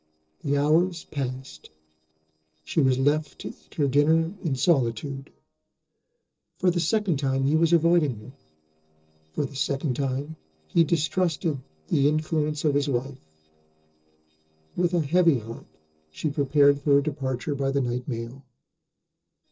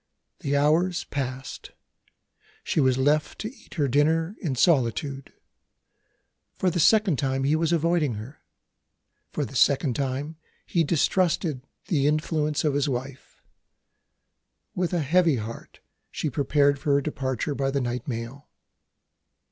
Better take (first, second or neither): second